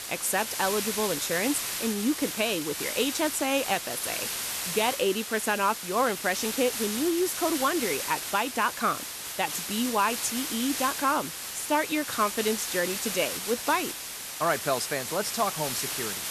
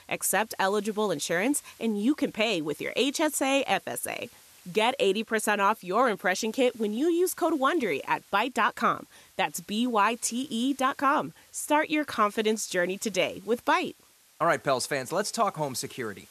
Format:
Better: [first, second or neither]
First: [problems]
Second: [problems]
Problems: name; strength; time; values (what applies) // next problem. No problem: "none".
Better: second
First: hiss; loud; throughout; 3 dB below the speech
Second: hiss; faint; throughout; 25 dB below the speech